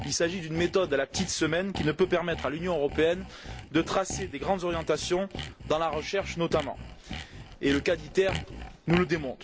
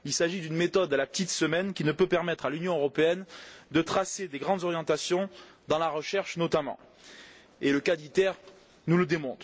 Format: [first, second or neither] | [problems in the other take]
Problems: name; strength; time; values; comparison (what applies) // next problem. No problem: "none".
second | background sound (Sawing); 11 dB below the speech